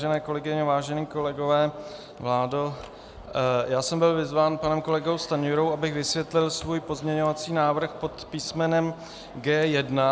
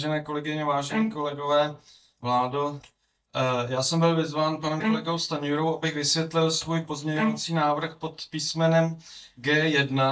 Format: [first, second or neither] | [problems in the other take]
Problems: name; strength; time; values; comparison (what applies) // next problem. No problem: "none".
first | noise reduction (neural mask model DeepFilterNet 3)